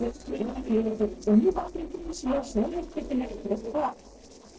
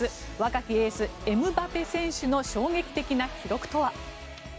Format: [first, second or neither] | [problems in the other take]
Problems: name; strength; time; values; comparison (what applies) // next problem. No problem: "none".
second | noise reduction (neural separator model SepFormer DNS4)